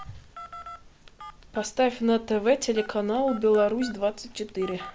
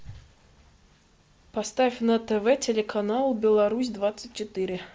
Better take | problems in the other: second | background sound (Telephone); 17 dB below the speech

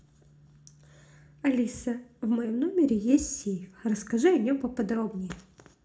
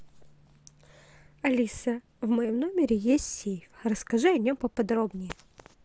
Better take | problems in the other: second | room echo; dies away in 0.3 s

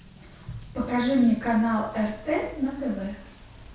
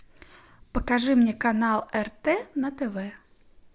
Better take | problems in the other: second | background sound (Motor vehicle (road) / Rain); 17 dB below the speech // room echo; dies away in 0.6 s

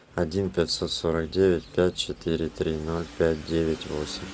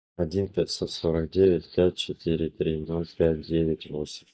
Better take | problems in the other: first | noise reduction (neural mask model DeepFilterNet 3)

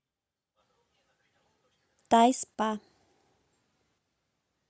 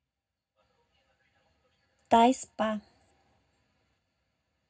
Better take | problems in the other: first | room echo; dies away in 0.3 s

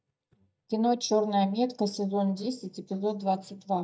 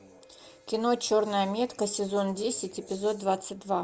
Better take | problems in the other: second | noise reduction (neural mask model DeepFilterNet 3)

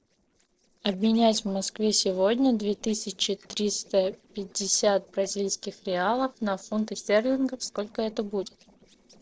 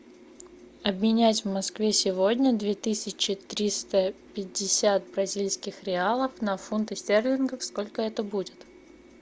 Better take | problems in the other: second | noise reduction (neural separator model SepFormer DNS4)

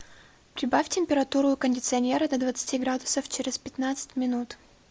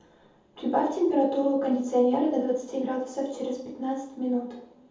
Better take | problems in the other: first | room echo; dies away in 0.7 s

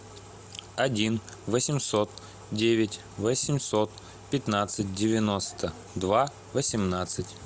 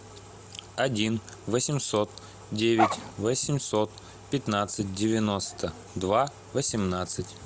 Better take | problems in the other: first | background sound (Dog); 1 dB below the speech

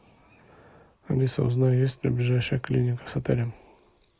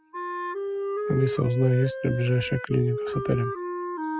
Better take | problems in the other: first | noise reduction (classical method spectral subtraction)

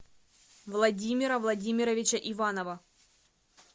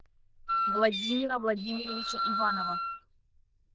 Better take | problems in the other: first | noise reduction (neural diffusion model UNIVERSE++)

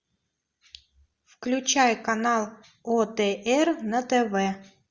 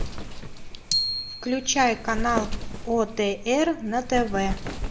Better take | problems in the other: first | background sound (Wind + Glockenspiel); 4 dB below the speech

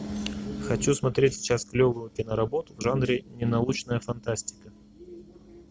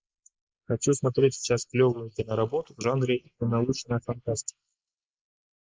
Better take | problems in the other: first | noise reduction (neural mask model Resemble Enhance denoiser)

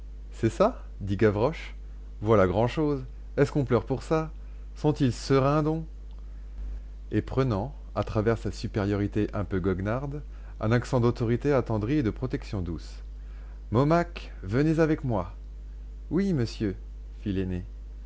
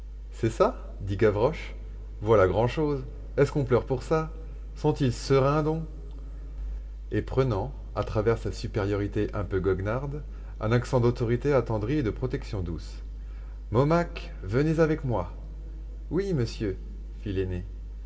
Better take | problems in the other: first | room echo; dies away in 1.7 s

